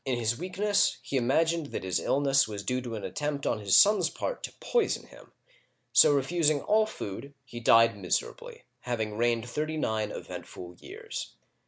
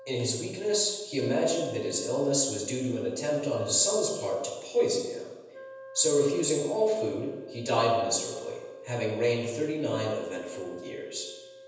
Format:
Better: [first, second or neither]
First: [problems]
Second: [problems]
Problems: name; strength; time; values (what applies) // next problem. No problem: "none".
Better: first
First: none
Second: background sound (Wind instrument, woodwind instrument); 18 dB below the speech // room echo; dies away in 1.1 s